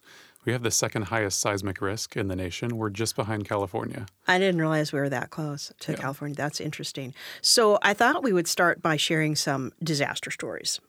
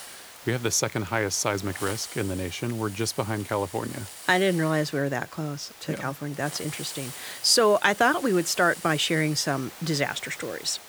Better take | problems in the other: first | hiss; noticeable; throughout; 15 dB below the speech

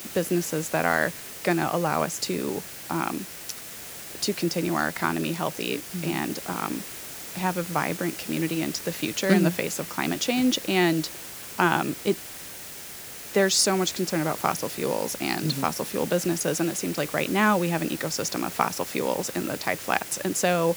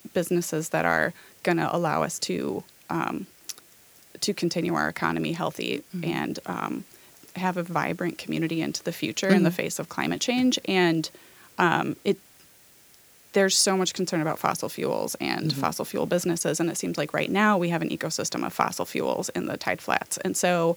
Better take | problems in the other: second | hiss; loud; throughout; 10 dB below the speech; faint in the second

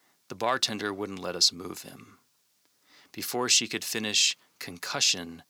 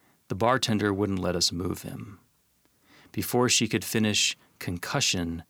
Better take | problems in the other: second | thin; very slightly; fading below 1 kHz

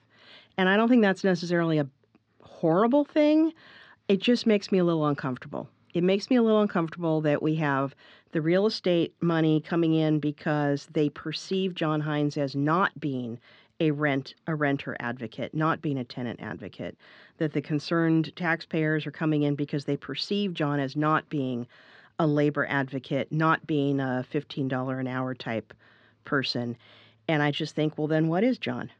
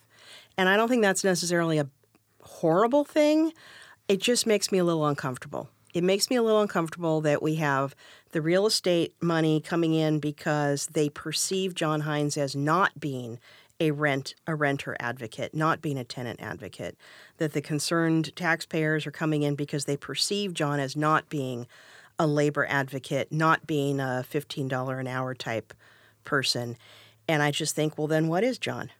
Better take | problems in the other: second | muffled; very slightly; fading above 4.5 kHz

